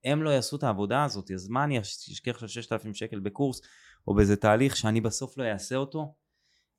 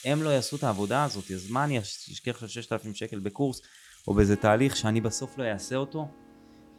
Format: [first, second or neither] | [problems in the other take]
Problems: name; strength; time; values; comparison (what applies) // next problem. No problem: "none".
first | background music; noticeable; throughout; 20 dB below the speech